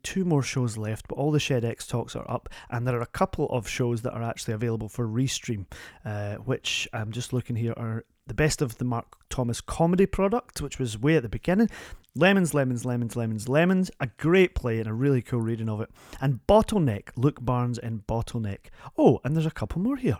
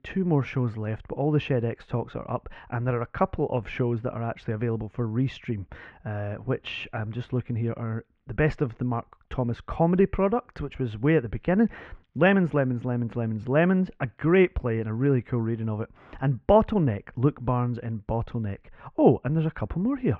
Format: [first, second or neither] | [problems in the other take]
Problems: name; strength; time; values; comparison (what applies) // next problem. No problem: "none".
first | muffled; very; fading above 2.5 kHz